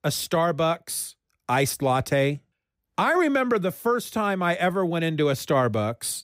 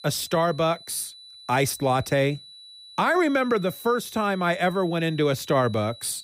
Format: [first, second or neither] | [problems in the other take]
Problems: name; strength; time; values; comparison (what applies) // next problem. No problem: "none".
first | high-pitched whine; noticeable; throughout; 4 kHz, 20 dB below the speech